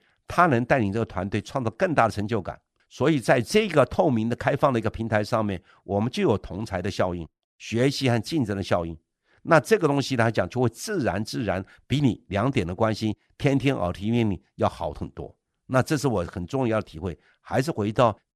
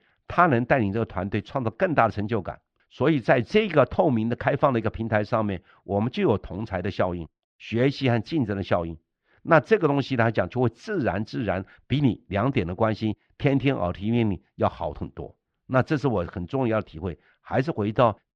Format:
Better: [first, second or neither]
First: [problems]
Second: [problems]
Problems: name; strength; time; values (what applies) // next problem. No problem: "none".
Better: first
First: none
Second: muffled; slightly; fading above 3.5 kHz